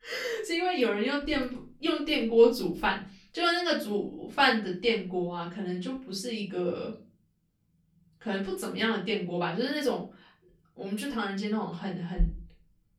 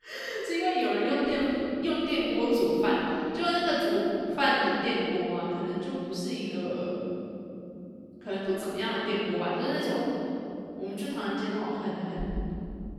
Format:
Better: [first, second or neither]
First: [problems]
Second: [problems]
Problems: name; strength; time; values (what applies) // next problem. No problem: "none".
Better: first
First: room echo; slight; dies away in 0.3 s // off-mic speech; far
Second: room echo; strong; dies away in 3 s // off-mic speech; far